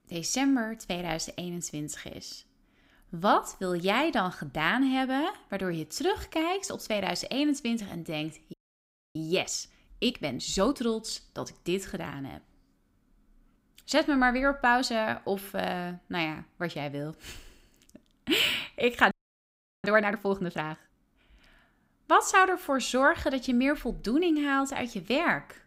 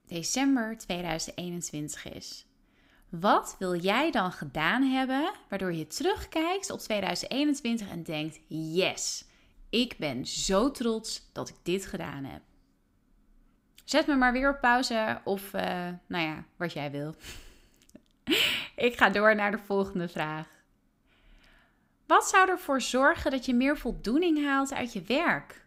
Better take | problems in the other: second | audio freezing; at 8.5 s for 0.5 s and at 19 s for 0.5 s

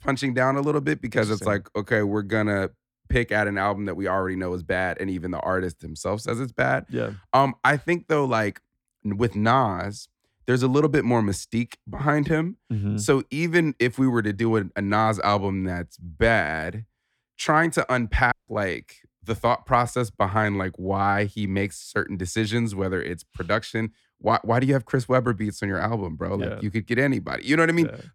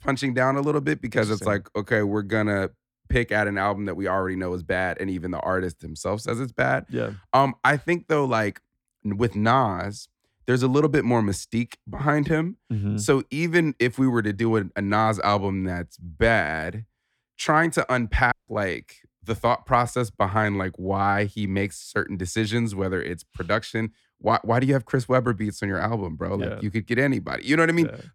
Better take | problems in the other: neither | audio cutting out; at 18 s; the same in both

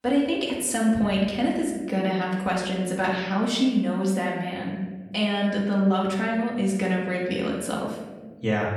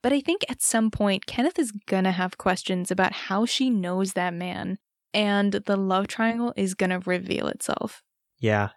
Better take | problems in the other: second | off-mic speech; far // room echo; noticeable; dies away in 1.2 s

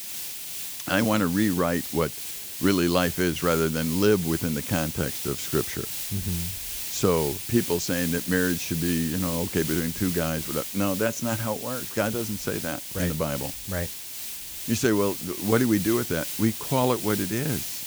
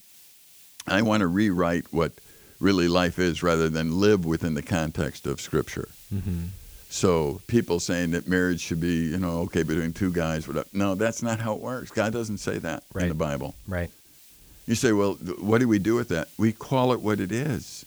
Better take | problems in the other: second | hiss; loud; throughout; 5 dB below the speech; faint in the second

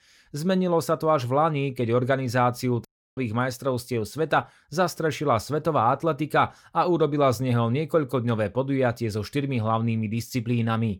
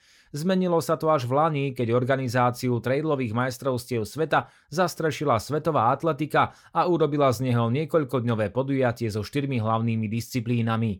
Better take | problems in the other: second | audio cutting out; at 3 s

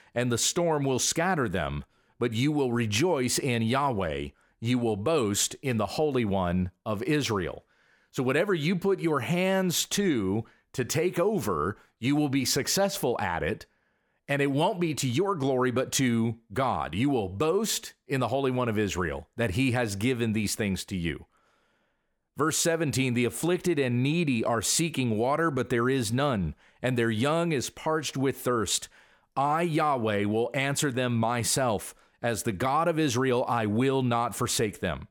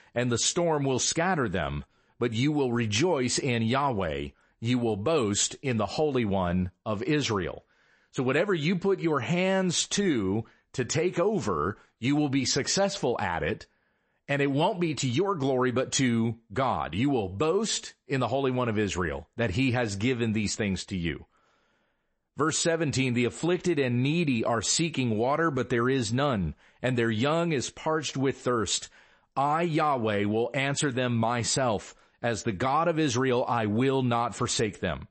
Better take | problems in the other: first | garbled, watery; slightly; nothing above 8 kHz

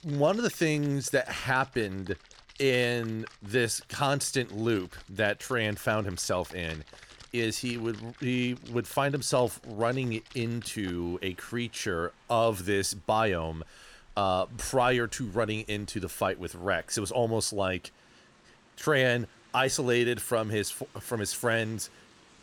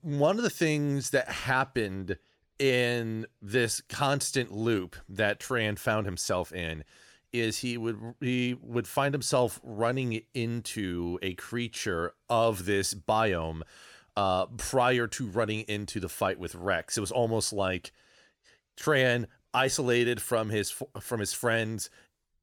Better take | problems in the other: second | rain or running water; faint; throughout; 25 dB below the speech

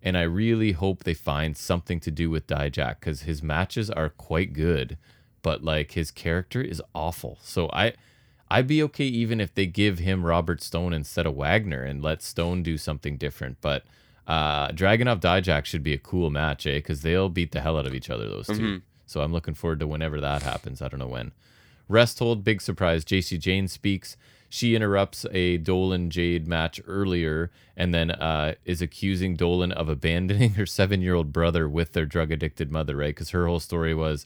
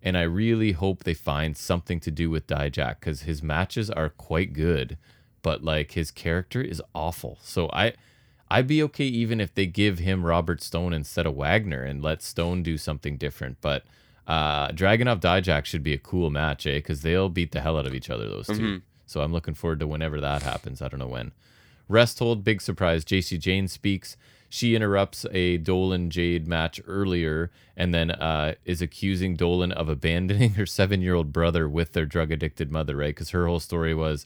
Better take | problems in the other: neither | none

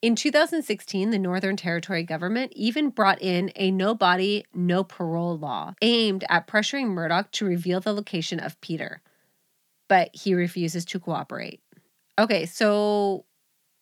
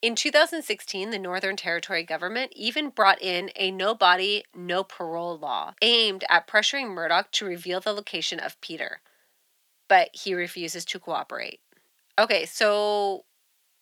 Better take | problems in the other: first | thin; somewhat; fading below 500 Hz

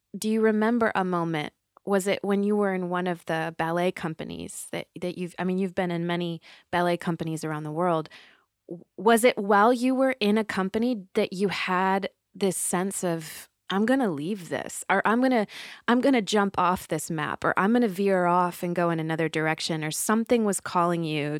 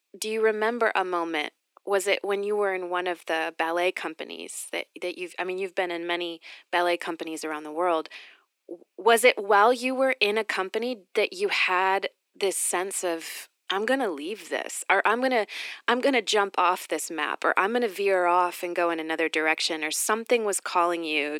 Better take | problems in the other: first | thin; somewhat; fading below 300 Hz

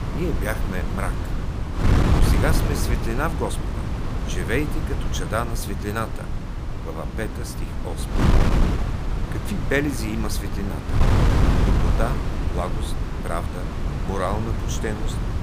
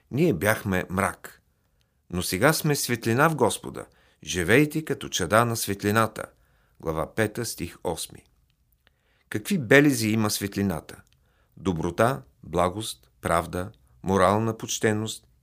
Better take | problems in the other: second | wind noise on the microphone; heavy; 2 dB below the speech

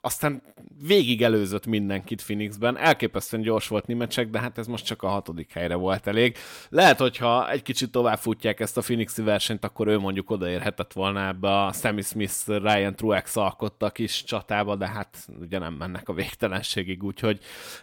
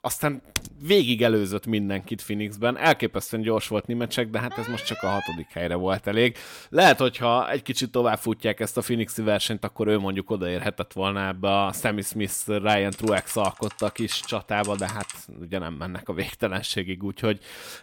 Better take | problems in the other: first | keyboard typing; noticeable; at 0.5 s; peak 7 dB below the speech // alarm; noticeable; at 4.5 s; peak 7 dB below the speech // keyboard typing; faint; from 13 to 15 s; peak 10 dB below the speech

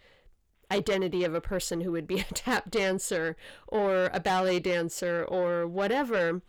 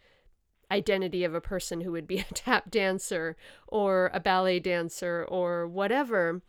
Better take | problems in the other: second | distortion; slight; 10 dB below the speech

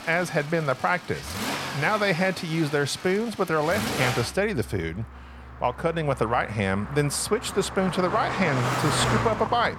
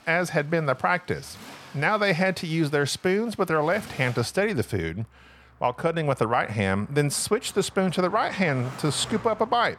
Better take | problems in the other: second | traffic noise; loud; throughout; 6 dB below the speech; faint in the second

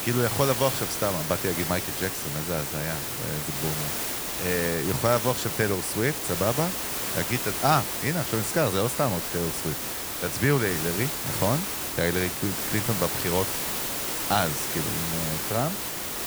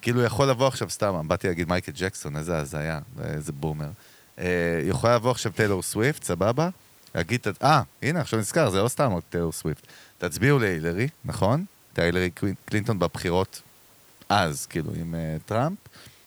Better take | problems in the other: second | hiss; loud; throughout; as loud as the speech; faint in the second

